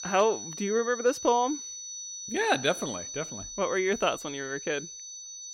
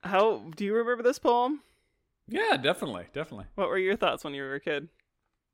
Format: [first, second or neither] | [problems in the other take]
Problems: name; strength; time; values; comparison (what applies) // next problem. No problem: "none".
second | high-pitched whine; loud; throughout; 6 kHz, 9 dB below the speech